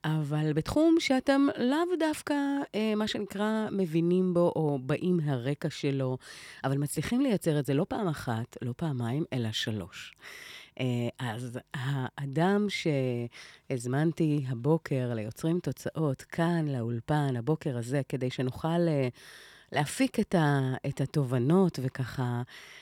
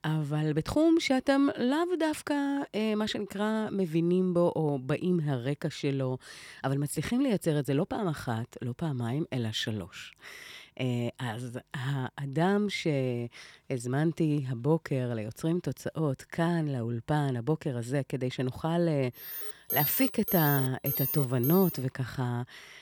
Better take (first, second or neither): first